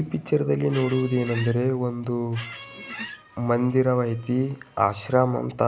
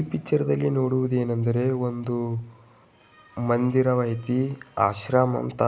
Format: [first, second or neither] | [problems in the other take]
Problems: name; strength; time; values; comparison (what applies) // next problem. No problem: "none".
second | background sound (Squeak); 13 dB below the speech